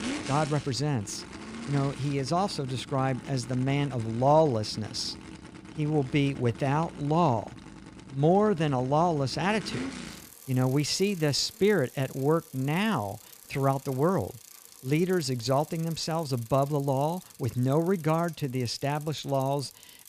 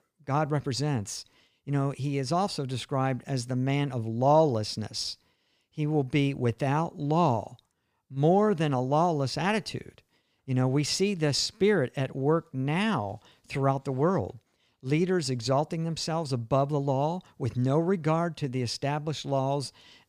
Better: second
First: traffic noise; noticeable; throughout; 15 dB below the speech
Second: none

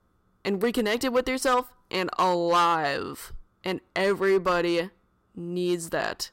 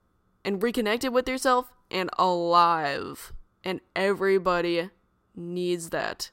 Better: second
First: distortion; slight; 4% of the sound clipped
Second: none

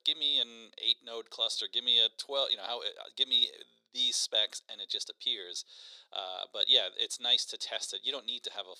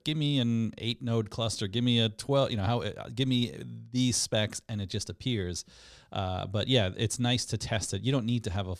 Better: second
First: thin; very; fading below 450 Hz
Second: none

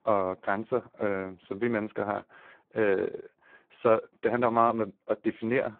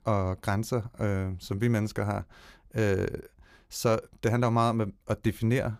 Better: second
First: phone-call audio; poor line; nothing above 4 kHz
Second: none

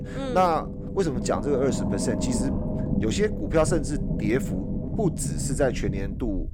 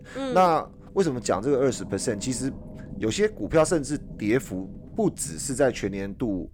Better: second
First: low rumble; loud; throughout; 9 dB below the speech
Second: low rumble; faint; throughout; 25 dB below the speech

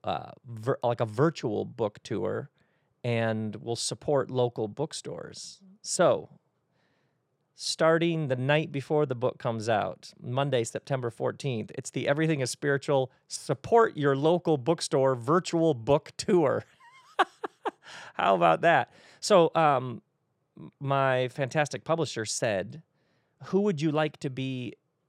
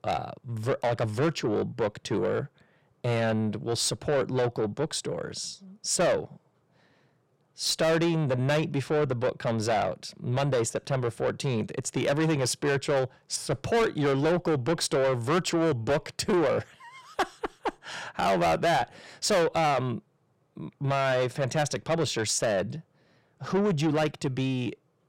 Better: first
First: none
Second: distortion; heavy; 6 dB below the speech

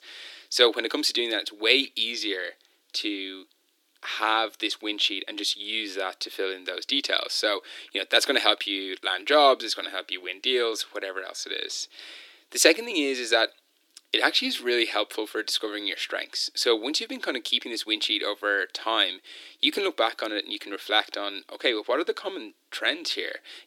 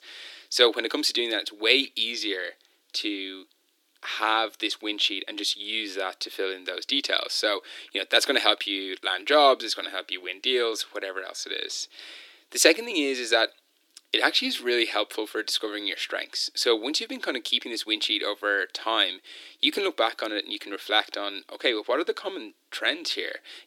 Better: neither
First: thin; very; fading below 300 Hz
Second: thin; very; fading below 300 Hz

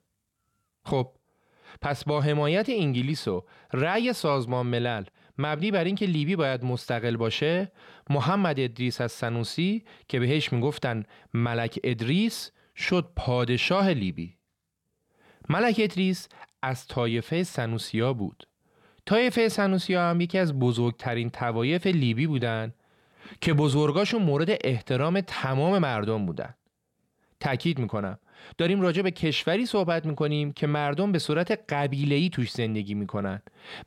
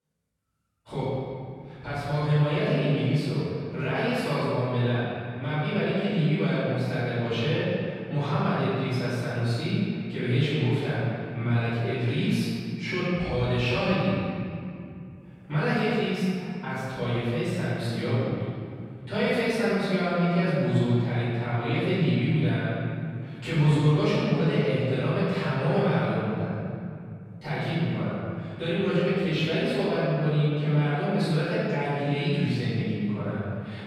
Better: first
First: none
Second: off-mic speech; far // room echo; strong; dies away in 2.5 s

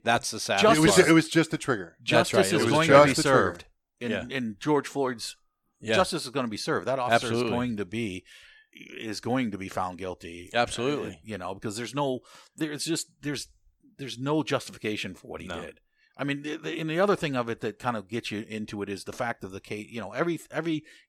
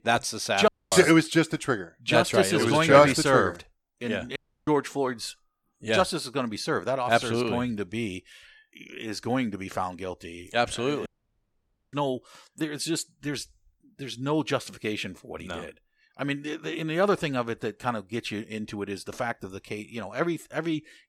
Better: first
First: none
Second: audio cutting out; at 0.5 s, at 4.5 s and at 11 s for 1 s

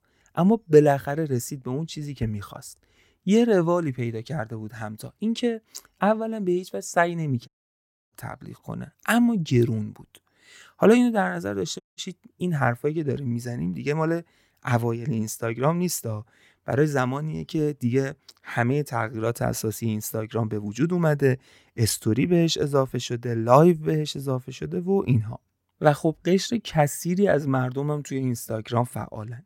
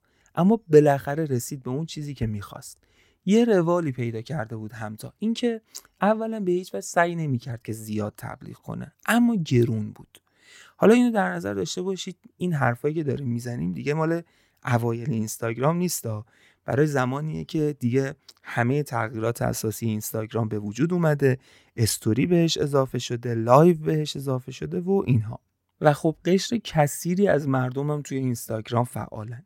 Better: second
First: audio cutting out; at 7.5 s for 0.5 s and at 12 s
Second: none

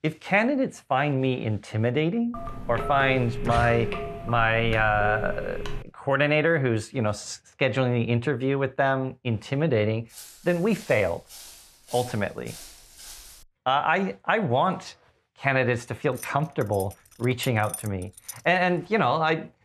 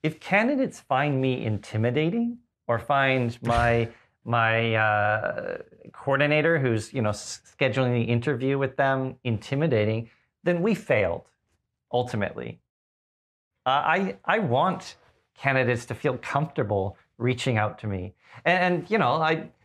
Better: second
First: phone ringing; noticeable; from 2.5 to 6 s; peak 6 dB below the speech // footsteps; faint; from 10 to 13 s; peak 15 dB below the speech // jangling keys; faint; from 16 to 18 s; peak 10 dB below the speech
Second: none

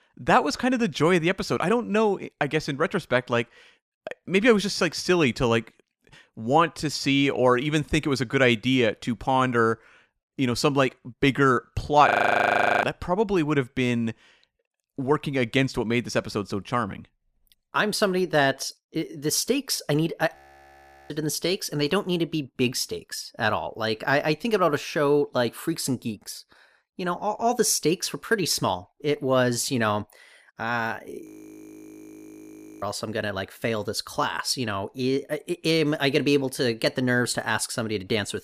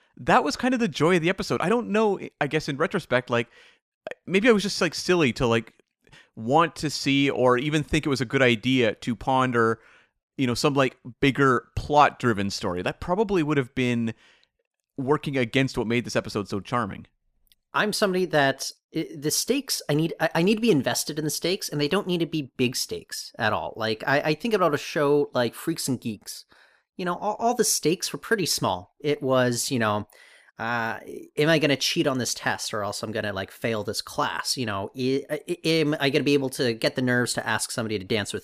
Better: second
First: audio freezing; at 12 s for 0.5 s, at 20 s for 1 s and at 31 s for 1.5 s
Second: none

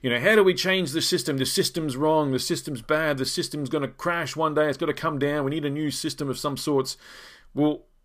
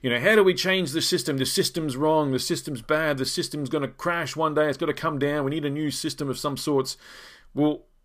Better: neither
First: none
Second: none

